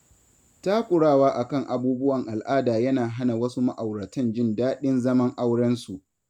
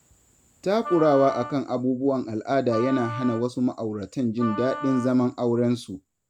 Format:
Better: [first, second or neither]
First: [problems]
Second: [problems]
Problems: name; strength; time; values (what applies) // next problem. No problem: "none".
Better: first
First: none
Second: background sound (Wind instrument, woodwind instrument); 13 dB below the speech